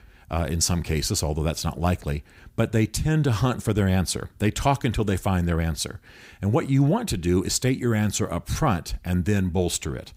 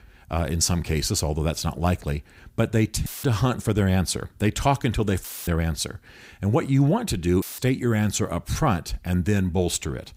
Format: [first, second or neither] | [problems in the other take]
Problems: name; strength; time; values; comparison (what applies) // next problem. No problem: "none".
first | audio cutting out; filled with static; at 3 s, at 5 s and at 7.5 s